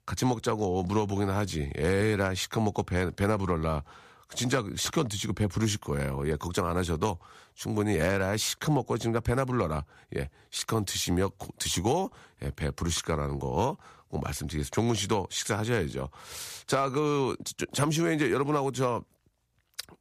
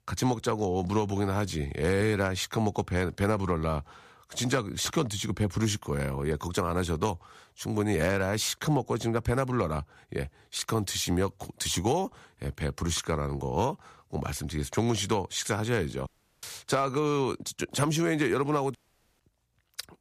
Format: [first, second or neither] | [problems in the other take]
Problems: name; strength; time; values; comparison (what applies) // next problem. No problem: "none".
first | audio cutting out; at 16 s and at 19 s